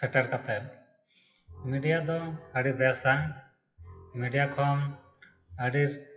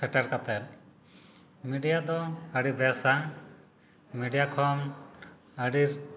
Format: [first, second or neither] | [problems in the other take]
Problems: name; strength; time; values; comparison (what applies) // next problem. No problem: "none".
second | noise reduction (classical method WPE with log-MMSE)